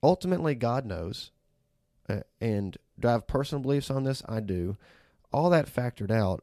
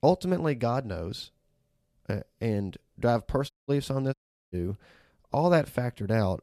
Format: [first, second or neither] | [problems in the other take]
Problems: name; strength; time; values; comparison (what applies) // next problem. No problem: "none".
first | audio cutting out; at 3.5 s and at 4 s